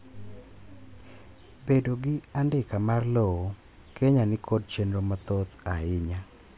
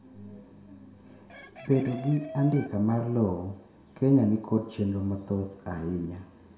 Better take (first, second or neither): first